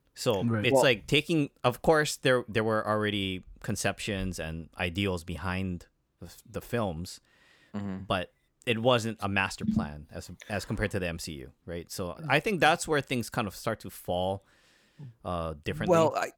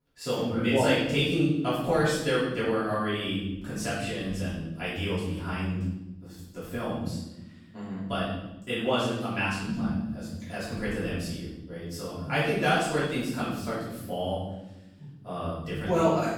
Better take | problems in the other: first | off-mic speech; far // room echo; strong; dies away in 1 s

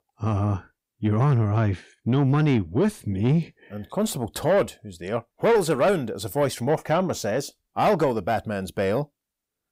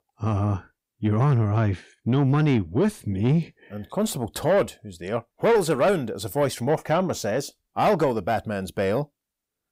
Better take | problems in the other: neither | distortion; slight; 10 dB below the speech; the same in both

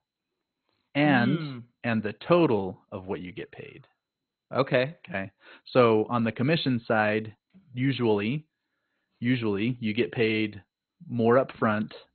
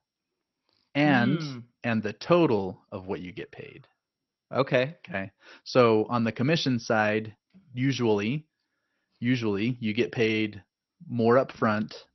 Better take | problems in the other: second | garbled, watery; badly; nothing above 4 kHz; slightly in the second

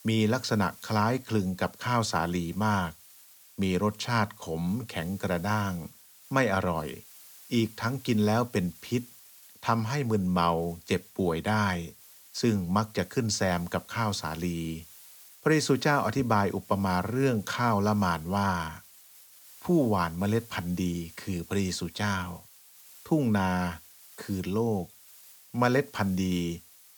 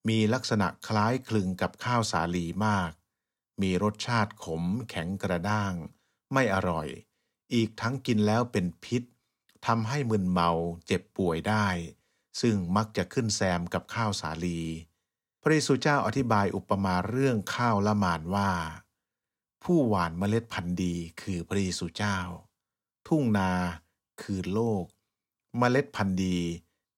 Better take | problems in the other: second | hiss; faint; throughout; 20 dB below the speech

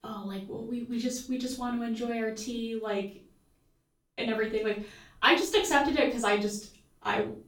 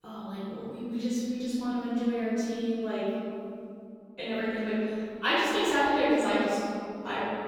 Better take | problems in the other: first | room echo; strong; dies away in 2.4 s; slight in the first // off-mic speech; far; far in the first

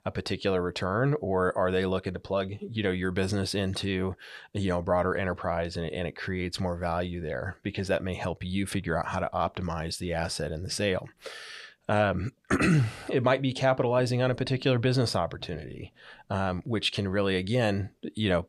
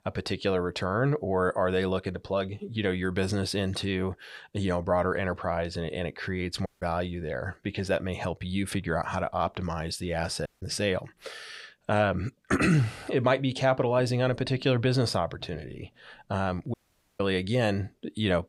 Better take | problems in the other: first | audio cutting out; at 6.5 s, at 10 s and at 17 s

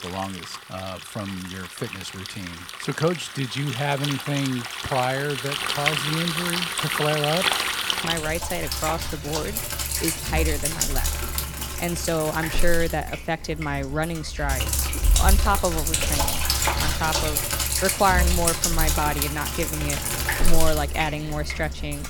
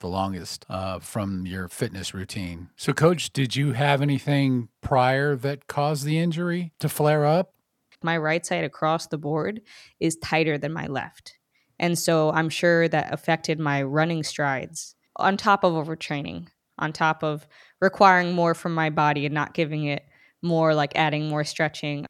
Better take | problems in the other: second | household noises; very loud; throughout; 2 dB above the speech

